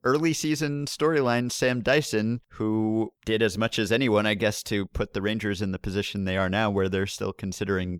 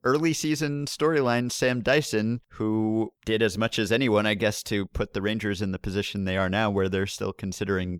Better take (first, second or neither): neither